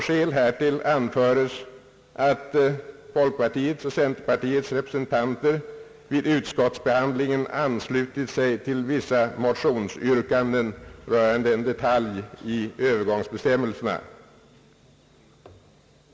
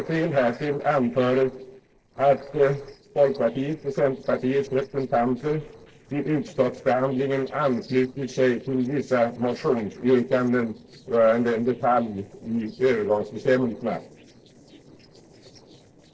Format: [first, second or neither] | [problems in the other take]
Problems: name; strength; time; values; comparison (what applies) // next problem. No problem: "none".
first | noise reduction (neural separator model SepFormer DNS4)